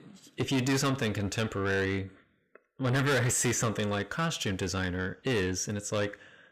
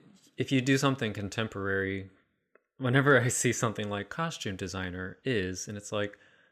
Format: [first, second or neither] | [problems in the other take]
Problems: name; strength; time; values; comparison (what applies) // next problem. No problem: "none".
second | distortion; heavy; 6 dB below the speech